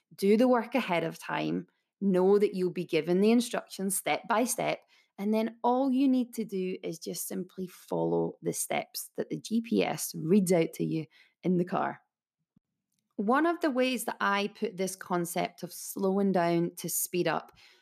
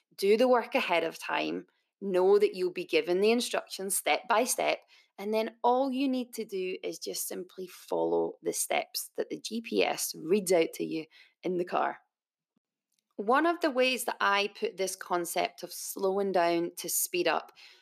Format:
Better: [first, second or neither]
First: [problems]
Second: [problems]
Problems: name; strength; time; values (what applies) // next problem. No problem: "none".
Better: first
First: none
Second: thin; somewhat; fading below 400 Hz